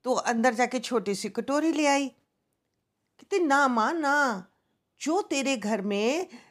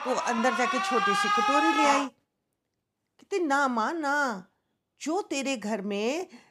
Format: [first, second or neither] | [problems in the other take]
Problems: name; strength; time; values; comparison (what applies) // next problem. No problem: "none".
first | alarms or sirens; very loud; until 2 s; 3 dB above the speech